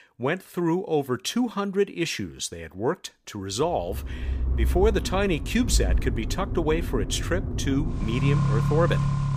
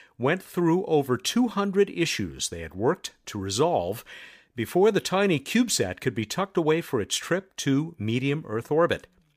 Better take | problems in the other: second | traffic noise; loud; from 4 s on; 1 dB below the speech

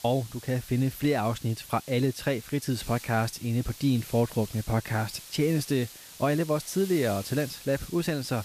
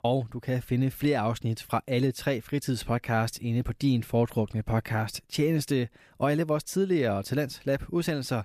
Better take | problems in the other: second | hiss; noticeable; throughout; 15 dB below the speech

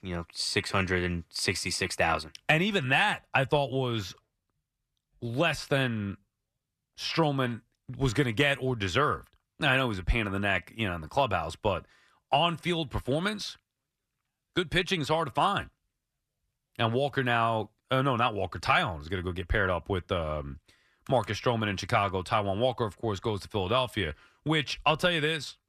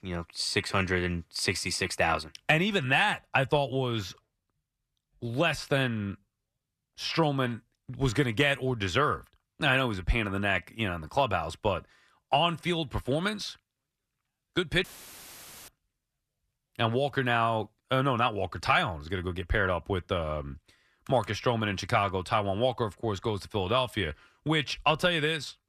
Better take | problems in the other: first | audio cutting out; filled with static; at 15 s for 1 s

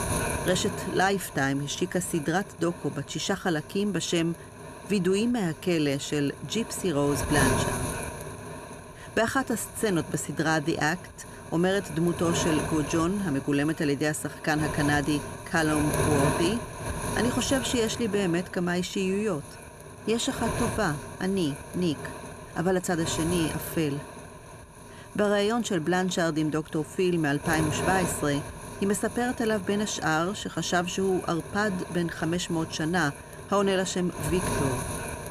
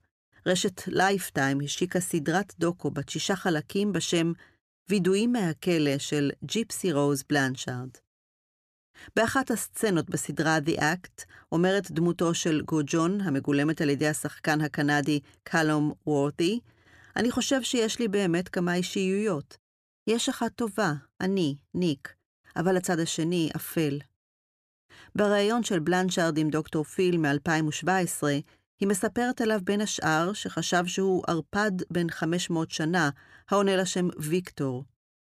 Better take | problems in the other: second | wind noise on the microphone; heavy; 7 dB below the speech

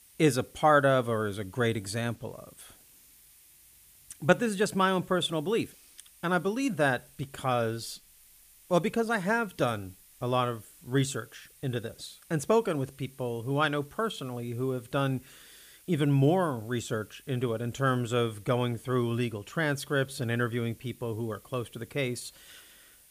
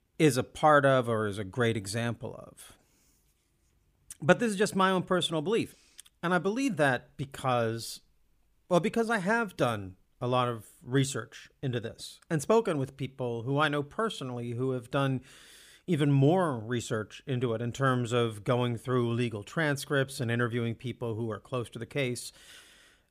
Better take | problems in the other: second | hiss; faint; throughout; 25 dB below the speech

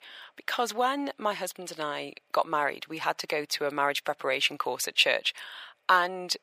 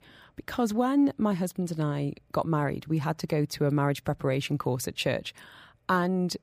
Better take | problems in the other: second | thin; very; fading below 650 Hz

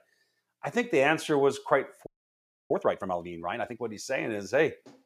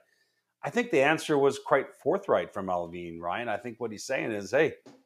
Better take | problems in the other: second | audio freezing; at 2 s for 0.5 s

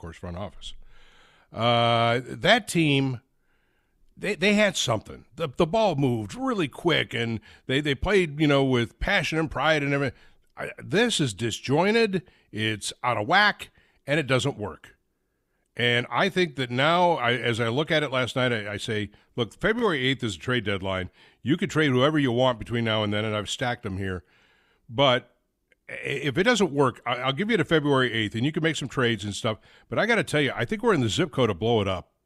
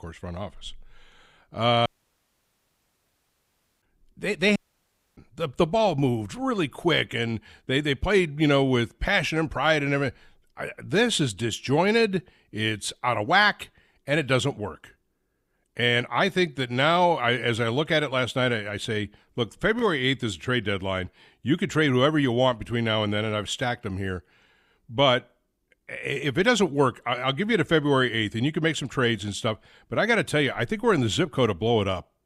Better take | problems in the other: first | audio cutting out; at 2 s for 2 s and at 4.5 s for 0.5 s

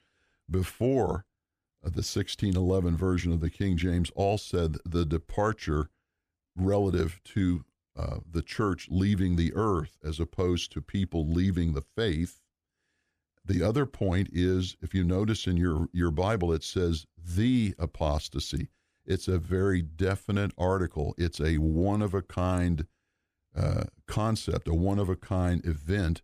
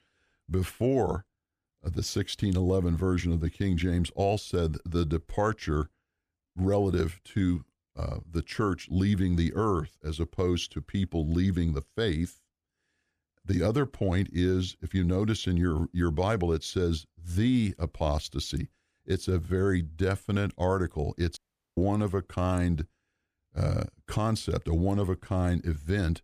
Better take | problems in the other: first | audio cutting out; at 21 s

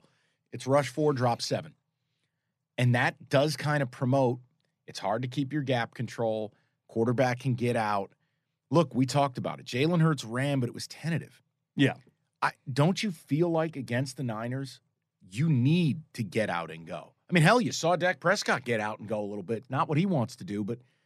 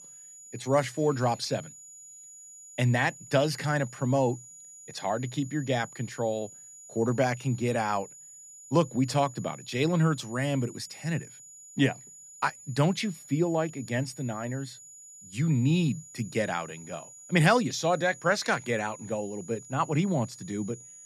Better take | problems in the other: first | high-pitched whine; noticeable; throughout; 7 kHz, 15 dB below the speech

